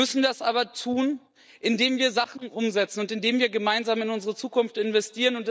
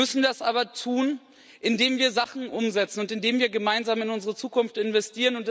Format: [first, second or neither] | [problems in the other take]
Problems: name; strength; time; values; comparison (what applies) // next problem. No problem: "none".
second | noise reduction (neural mask model DeepFilterNet 3)